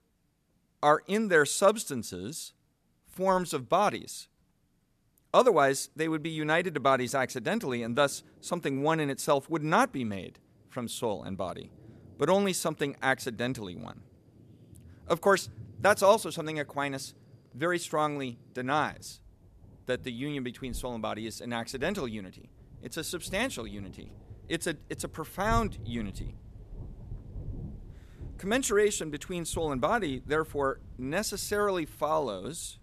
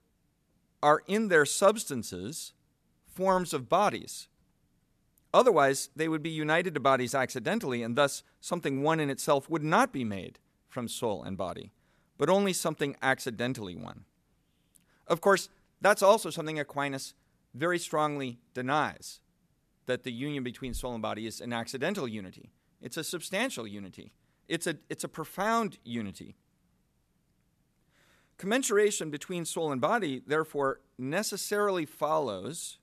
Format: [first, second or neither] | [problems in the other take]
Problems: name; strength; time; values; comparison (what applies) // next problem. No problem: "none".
second | rain or running water; noticeable; throughout; 20 dB below the speech